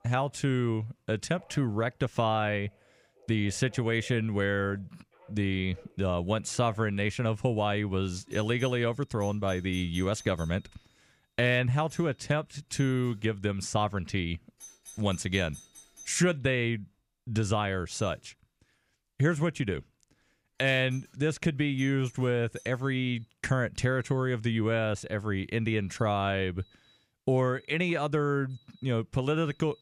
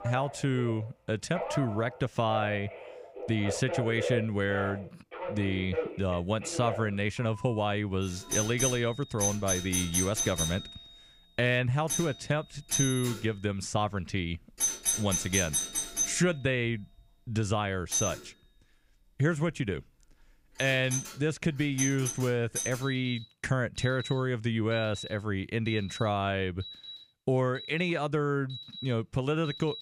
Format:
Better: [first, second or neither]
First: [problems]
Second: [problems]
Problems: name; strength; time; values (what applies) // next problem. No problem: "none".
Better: first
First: alarms or sirens; faint; throughout; 25 dB below the speech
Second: alarms or sirens; loud; throughout; 4 dB below the speech